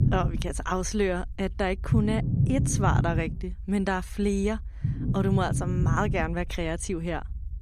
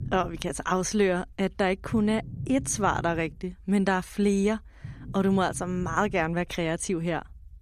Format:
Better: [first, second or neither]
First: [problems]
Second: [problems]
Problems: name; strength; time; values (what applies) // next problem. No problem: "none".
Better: second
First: low rumble; loud; throughout; 8 dB below the speech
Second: low rumble; faint; throughout; 25 dB below the speech